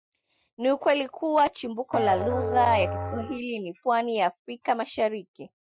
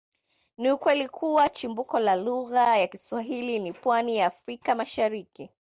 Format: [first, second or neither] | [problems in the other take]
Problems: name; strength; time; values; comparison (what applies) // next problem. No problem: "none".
second | noise reduction (classical method Wiener filter)